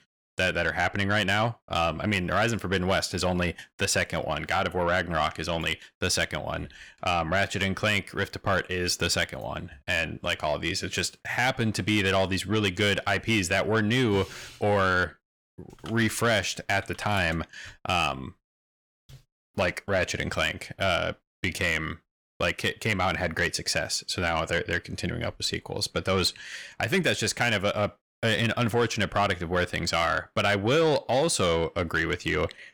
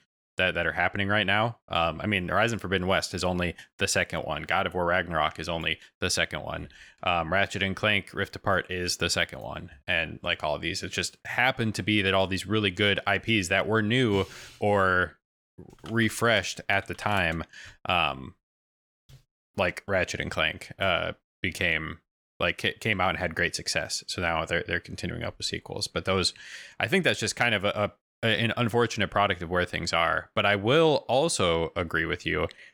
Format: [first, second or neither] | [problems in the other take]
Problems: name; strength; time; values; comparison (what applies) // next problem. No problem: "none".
second | distortion; slight; 10 dB below the speech